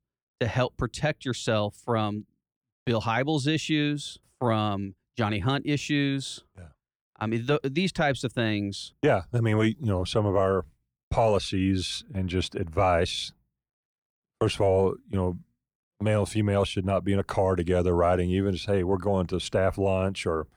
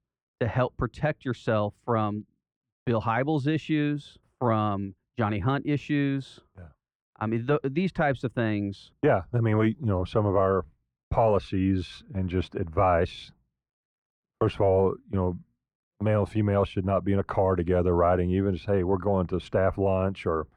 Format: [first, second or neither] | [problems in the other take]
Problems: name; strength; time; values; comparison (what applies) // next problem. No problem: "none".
first | muffled; very; fading above 3 kHz